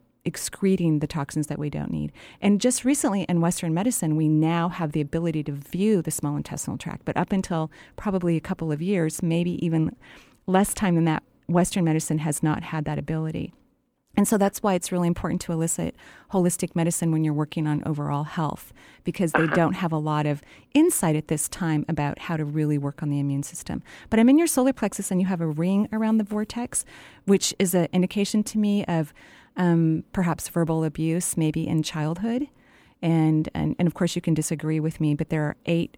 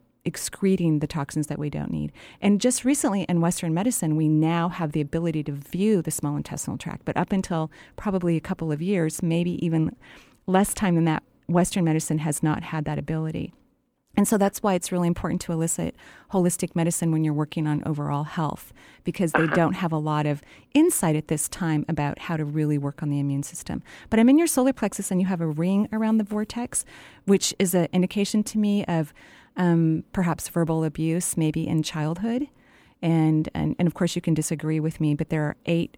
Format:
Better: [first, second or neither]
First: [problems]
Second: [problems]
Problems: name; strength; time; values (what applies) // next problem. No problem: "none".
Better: neither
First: none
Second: none